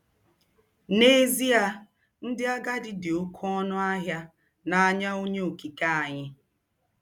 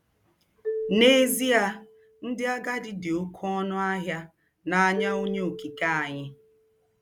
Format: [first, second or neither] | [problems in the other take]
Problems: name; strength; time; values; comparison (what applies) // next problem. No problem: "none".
first | background sound (Marimba, xylophone); 11 dB below the speech